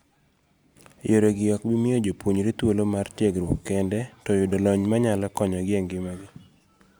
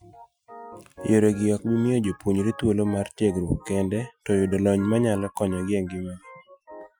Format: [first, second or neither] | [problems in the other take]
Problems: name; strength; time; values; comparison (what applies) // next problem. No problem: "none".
first | noise reduction (classical method Wiener filter)